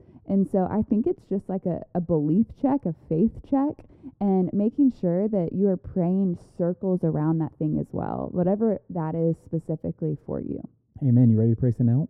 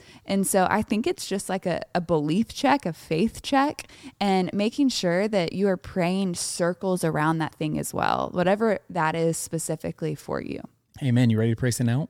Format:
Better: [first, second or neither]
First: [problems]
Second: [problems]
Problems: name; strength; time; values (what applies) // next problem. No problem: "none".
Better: second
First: muffled; very; fading above 1.5 kHz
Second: none